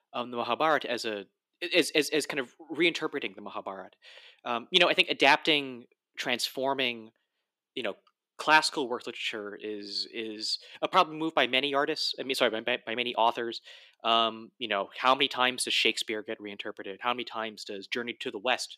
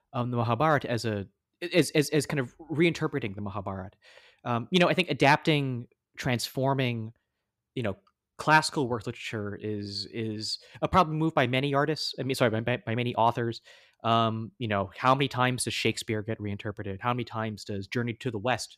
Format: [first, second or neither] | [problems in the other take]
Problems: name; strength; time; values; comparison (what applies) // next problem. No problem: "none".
second | thin; somewhat; fading below 300 Hz